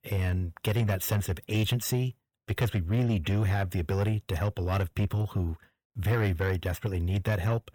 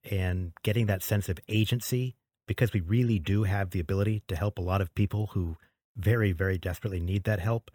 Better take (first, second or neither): second